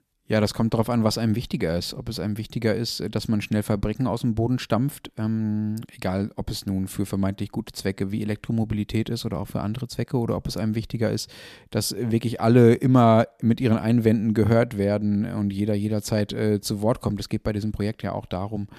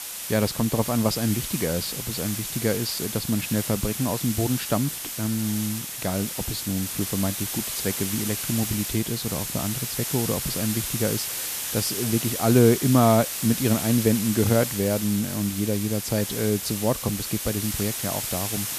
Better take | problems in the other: first | hiss; loud; throughout; 3 dB below the speech

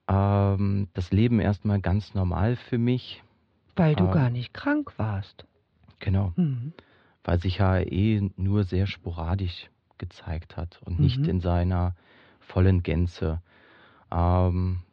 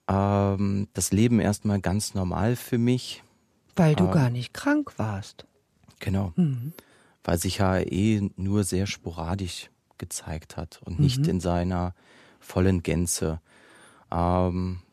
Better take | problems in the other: second | muffled; slightly; fading above 4 kHz

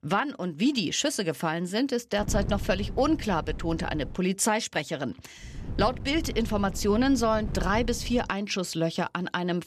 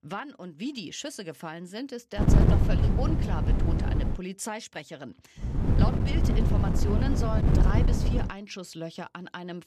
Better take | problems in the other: first | wind noise on the microphone; heavy; from 2 to 4 s and from 5.5 to 8.5 s; 2 dB above the speech; occasional gusts in the first

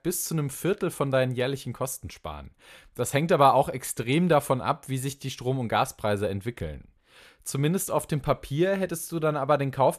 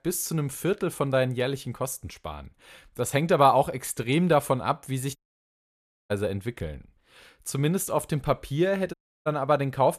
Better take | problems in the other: first | audio cutting out; at 5 s for 1 s and at 9 s

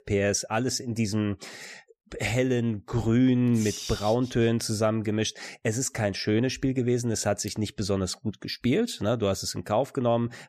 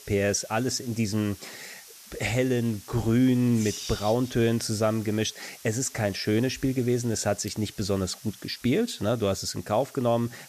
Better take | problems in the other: first | hiss; noticeable; throughout; 20 dB below the speech

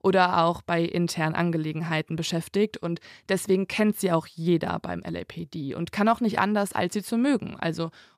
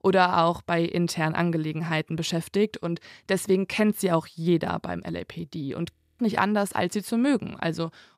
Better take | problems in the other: first | audio freezing; at 6 s

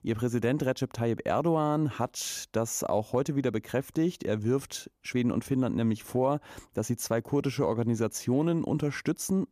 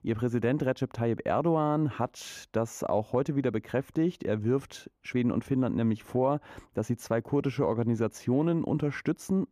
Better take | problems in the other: first | muffled; slightly; fading above 4 kHz

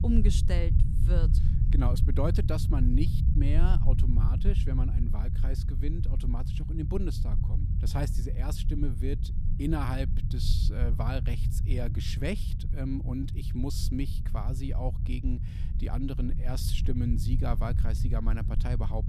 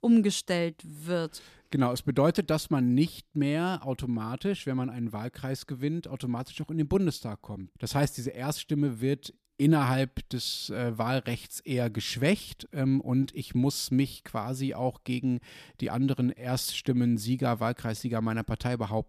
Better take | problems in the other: second | low rumble; loud; throughout; 6 dB below the speech

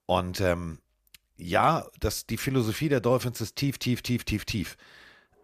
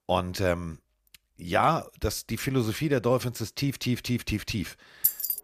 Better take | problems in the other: first | jangling keys; loud; at 5 s; peak 3 dB above the speech

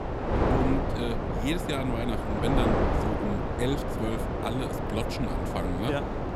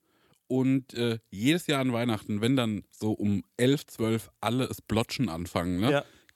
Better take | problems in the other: second | wind noise on the microphone; heavy; 4 dB above the speech

